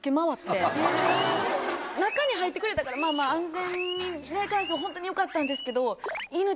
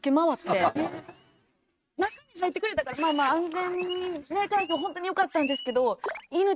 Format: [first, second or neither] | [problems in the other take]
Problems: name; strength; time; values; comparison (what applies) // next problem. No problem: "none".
first | noise reduction (neural mask model RNNoise)